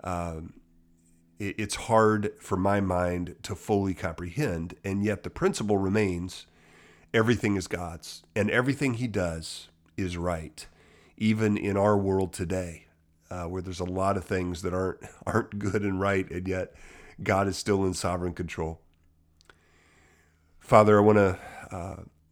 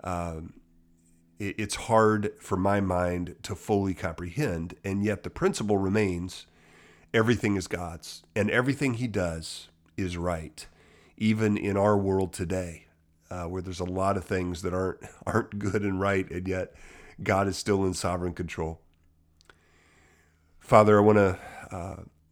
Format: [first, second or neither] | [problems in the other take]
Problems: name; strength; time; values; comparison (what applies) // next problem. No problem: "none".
neither | none